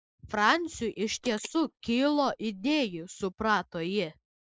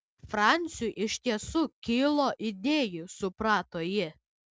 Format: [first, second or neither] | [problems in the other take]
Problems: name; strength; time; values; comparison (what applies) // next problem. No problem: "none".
second | noise reduction (neural mask model Resemble Enhance denoiser)